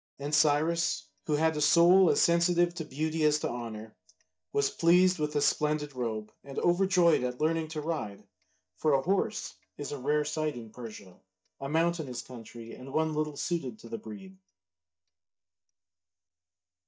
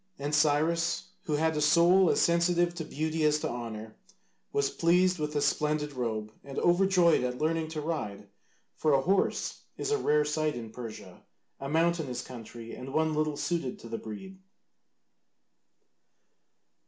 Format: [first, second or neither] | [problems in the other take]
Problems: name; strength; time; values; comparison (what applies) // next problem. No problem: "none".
second | noise reduction (neural mask model DeepFilterNet 3)